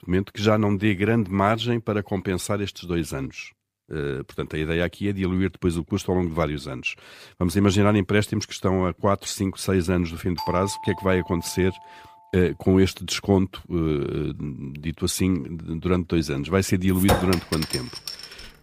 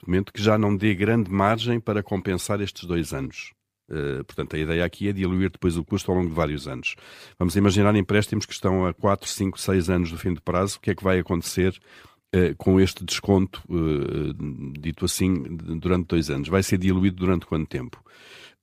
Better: second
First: doorbell; noticeable; from 10 to 12 s; peak 8 dB below the speech // clattering dishes; loud; from 17 s on; peak 1 dB above the speech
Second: none

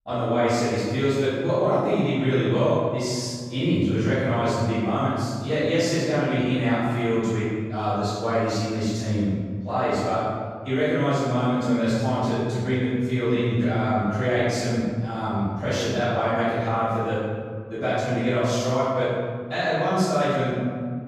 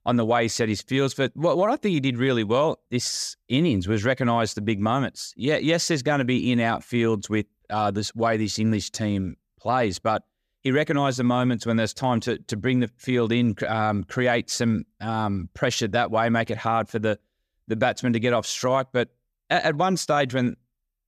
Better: second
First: off-mic speech; far // room echo; strong; dies away in 1.8 s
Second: none

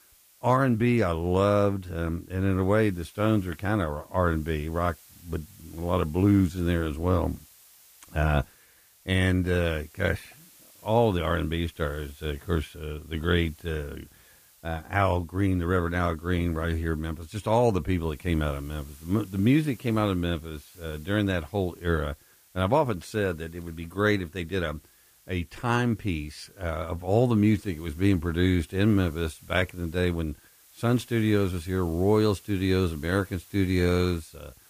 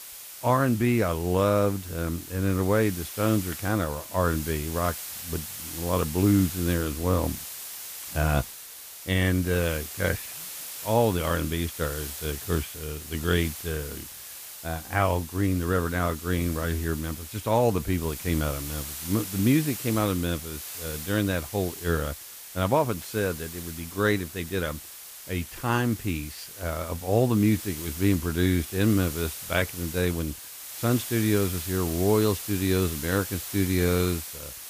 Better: first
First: hiss; faint; throughout; 25 dB below the speech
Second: hiss; loud; throughout; 9 dB below the speech

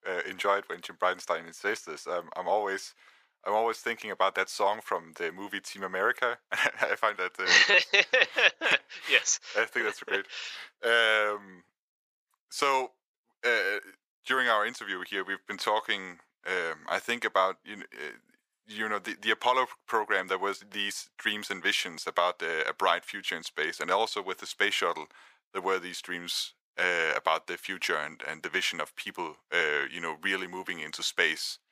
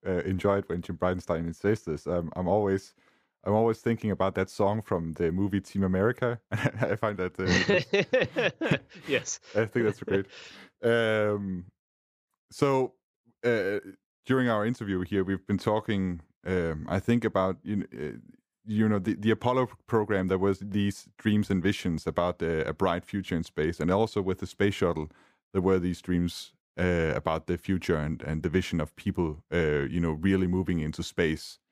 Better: second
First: thin; very; fading below 900 Hz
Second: none

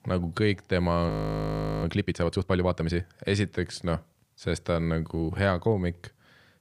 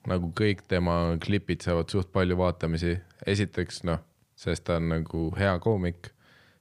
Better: second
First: audio freezing; at 1 s for 0.5 s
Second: none

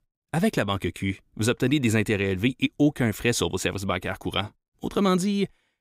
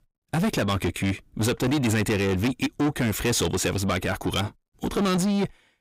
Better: first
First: none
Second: distortion; heavy; 7 dB below the speech

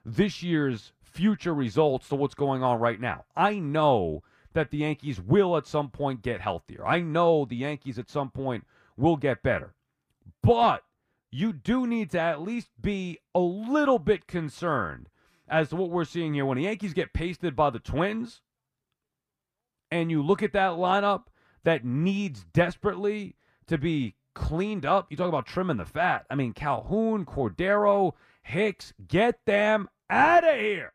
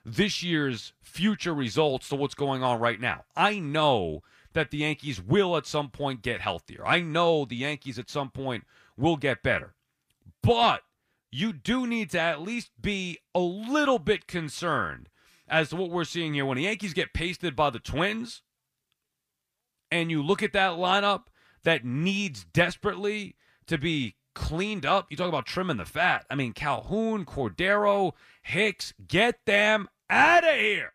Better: second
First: muffled; slightly; fading above 1.5 kHz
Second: none

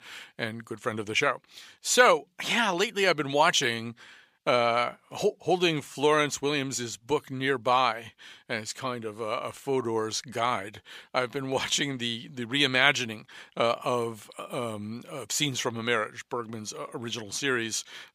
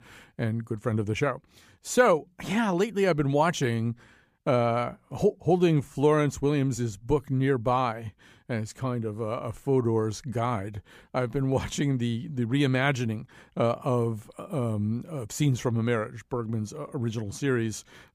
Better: second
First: thin; somewhat; fading below 800 Hz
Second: none

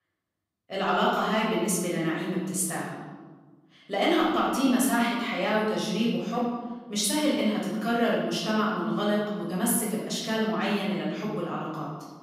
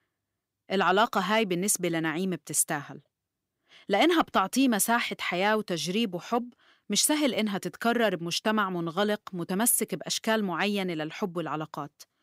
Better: second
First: room echo; noticeable; dies away in 1.2 s // off-mic speech; far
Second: none

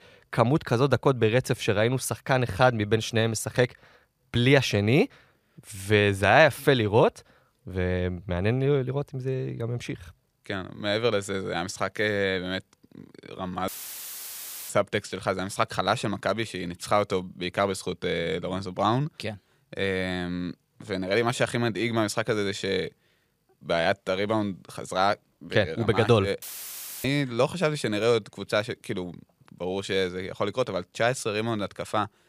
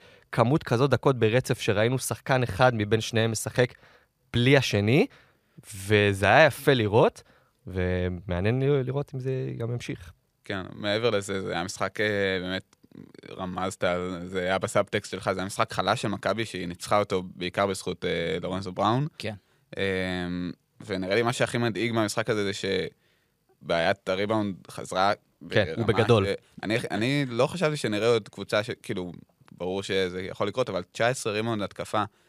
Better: second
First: audio cutting out; filled with static; at 14 s for 1 s and at 26 s for 0.5 s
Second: none

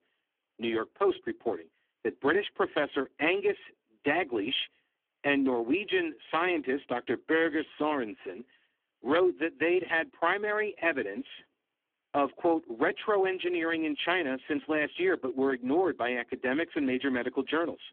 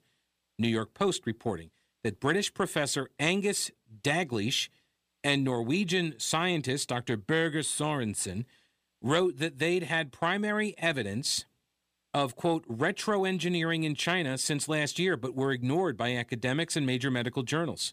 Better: second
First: phone-call audio; poor line; nothing above 3.5 kHz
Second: none

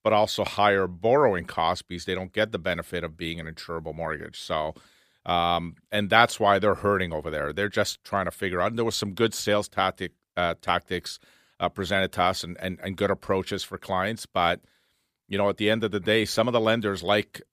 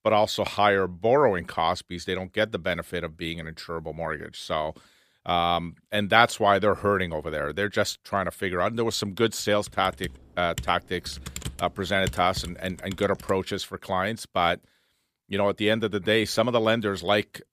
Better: first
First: none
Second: keyboard typing; noticeable; from 9.5 to 13 s; peak 10 dB below the speech

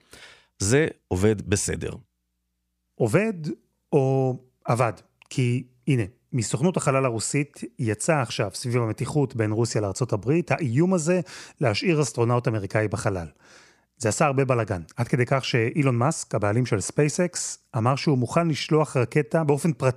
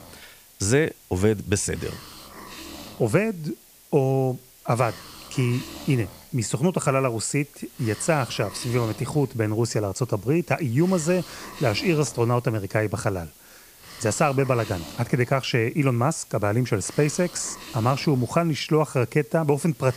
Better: first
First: none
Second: hiss; noticeable; throughout; 20 dB below the speech

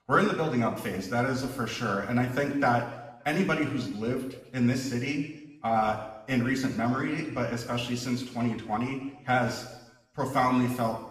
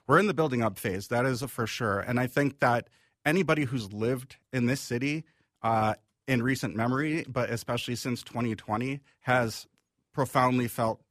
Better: second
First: room echo; noticeable; dies away in 0.9 s // off-mic speech; far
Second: none

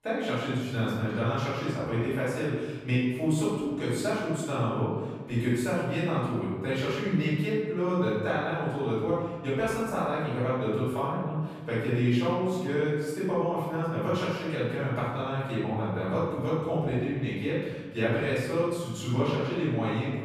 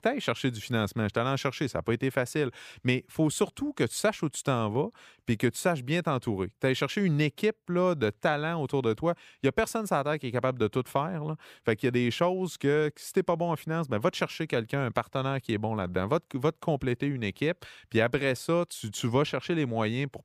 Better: second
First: off-mic speech; far // room echo; strong; dies away in 1.3 s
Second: none

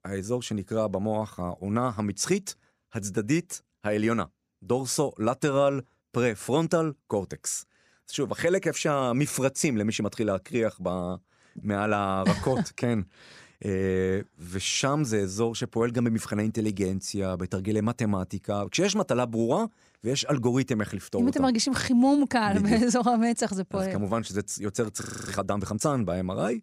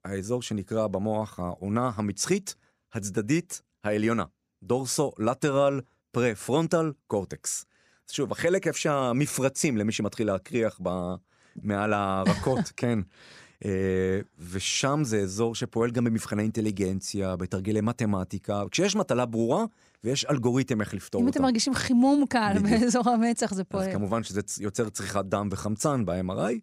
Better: second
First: audio freezing; at 25 s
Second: none

